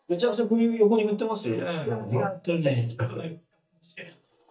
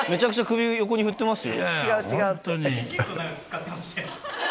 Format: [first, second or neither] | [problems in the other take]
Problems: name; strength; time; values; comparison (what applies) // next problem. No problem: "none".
second | noise reduction (neural mask model DeepFilterNet 3)